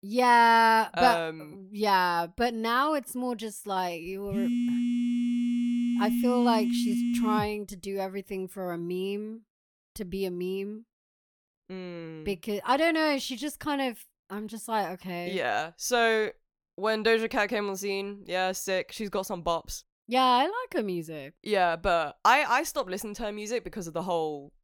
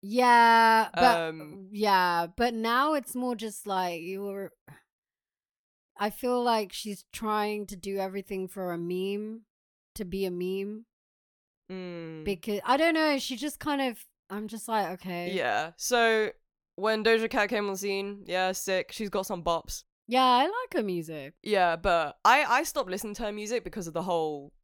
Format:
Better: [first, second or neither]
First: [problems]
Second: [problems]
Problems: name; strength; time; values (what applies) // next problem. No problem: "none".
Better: second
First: phone ringing; loud; from 4.5 to 7.5 s; peak 1 dB above the speech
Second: none